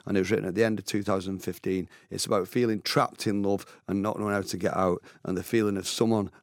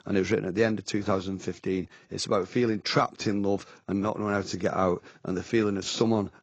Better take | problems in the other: first | garbled, watery; badly; nothing above 7.5 kHz

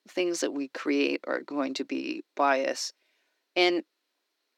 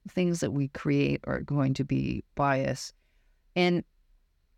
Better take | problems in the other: second | thin; somewhat; fading below 300 Hz

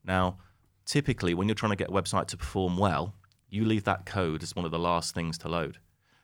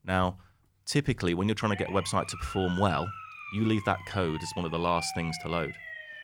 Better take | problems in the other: first | siren; noticeable; from 1.5 s on; peak 8 dB below the speech

